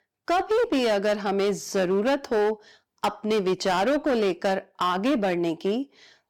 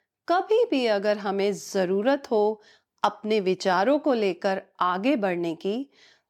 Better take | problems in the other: second | distortion; slight; 15% of the sound clipped

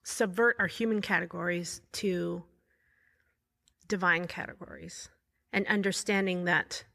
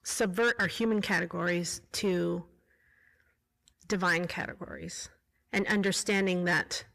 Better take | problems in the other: first | distortion; slight; 10 dB below the speech

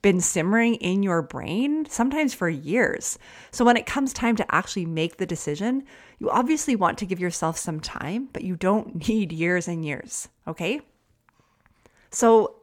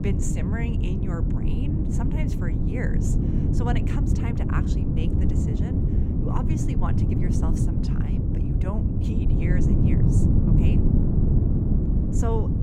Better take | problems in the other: first | wind noise on the microphone; heavy; 4 dB above the speech

